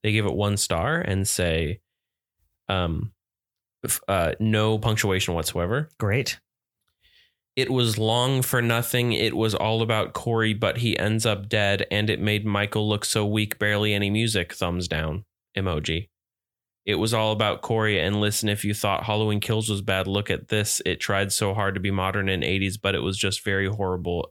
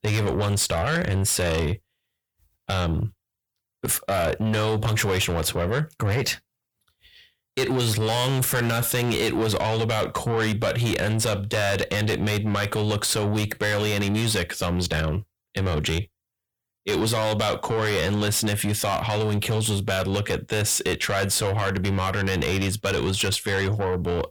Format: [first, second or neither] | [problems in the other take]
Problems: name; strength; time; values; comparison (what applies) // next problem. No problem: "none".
first | distortion; heavy; 6 dB below the speech